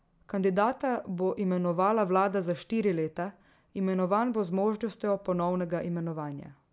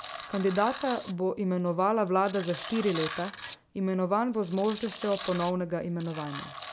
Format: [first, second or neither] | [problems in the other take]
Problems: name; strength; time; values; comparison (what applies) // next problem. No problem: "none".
first | background sound (Tools); 13 dB below the speech